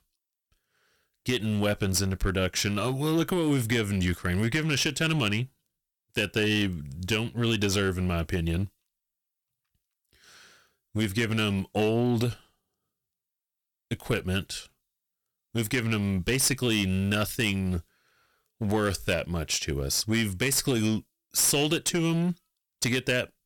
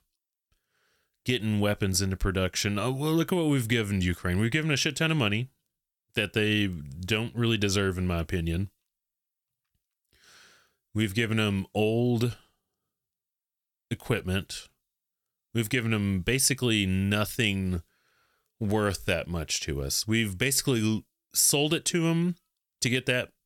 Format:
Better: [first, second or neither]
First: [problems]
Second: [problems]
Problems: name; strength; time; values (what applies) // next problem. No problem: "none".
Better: second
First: distortion; slight; 7% of the sound clipped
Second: none